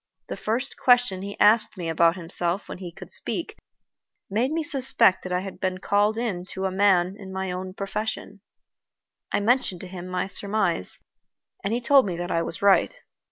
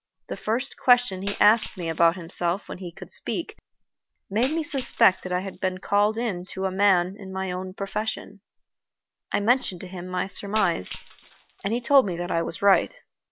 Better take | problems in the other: first | background sound (Shatter); 17 dB below the speech

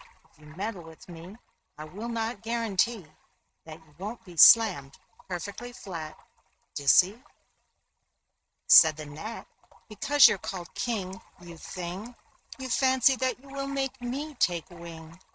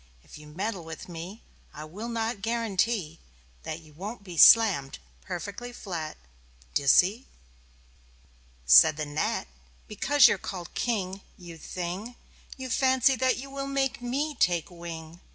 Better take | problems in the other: second | noise reduction (neural mask model RNNoise)

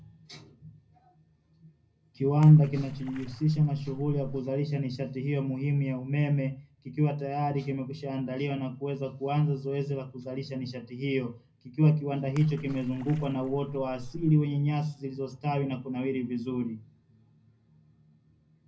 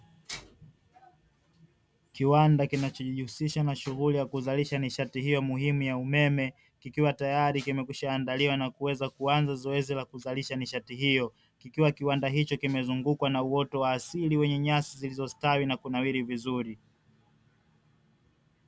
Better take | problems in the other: second | background sound (Splash, splatter); 16 dB below the speech // room echo; dies away in 0.4 s

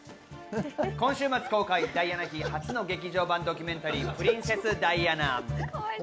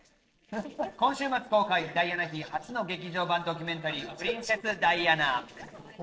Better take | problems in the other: first | noise reduction (neural separator model SepFormer DNS4)

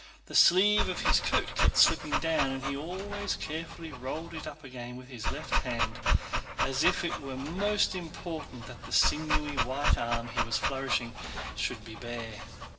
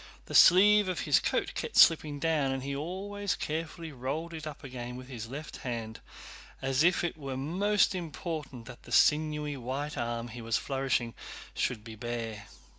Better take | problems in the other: second | background sound (Dog); 1 dB above the speech // room echo; dies away in 3 s

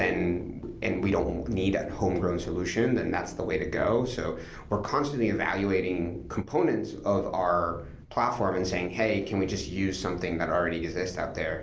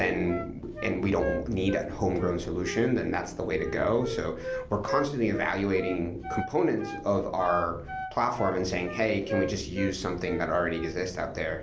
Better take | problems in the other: first | background sound (Wind instrument, woodwind instrument); 10 dB below the speech

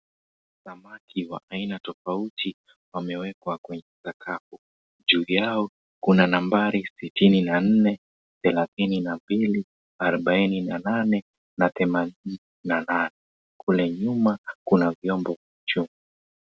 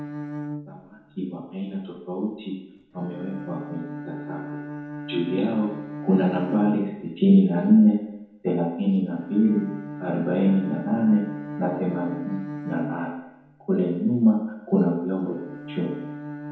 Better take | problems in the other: first | background sound (Bowed string instrument); 12 dB below the speech // room echo; dies away in 0.9 s

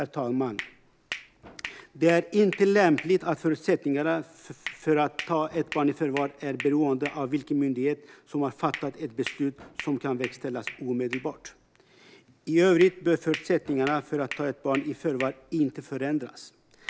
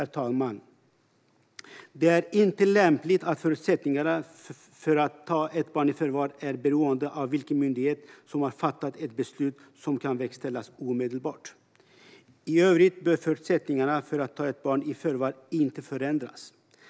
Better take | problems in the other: second | background sound (Hands); 15 dB below the speech

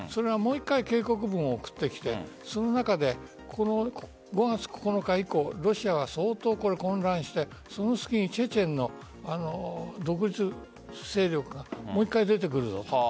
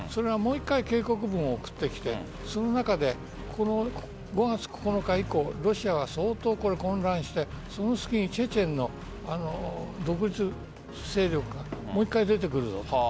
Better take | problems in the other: first | background sound (Accelerating, revving, vroom); 12 dB below the speech

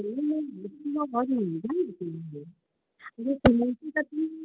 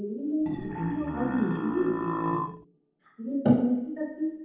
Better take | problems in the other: first | background sound (Burping, eructation); 3 dB below the speech // room echo; dies away in 1 s

